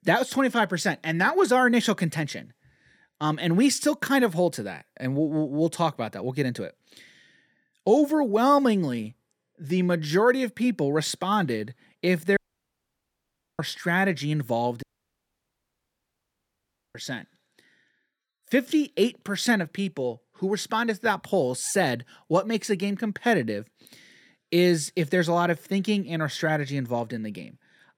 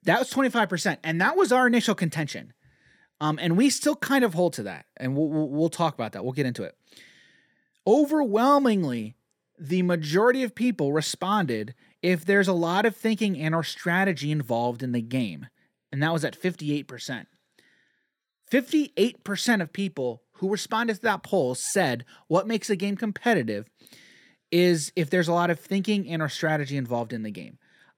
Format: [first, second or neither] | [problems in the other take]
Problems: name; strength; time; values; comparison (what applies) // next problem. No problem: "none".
second | audio cutting out; at 12 s for 1 s and at 15 s for 2 s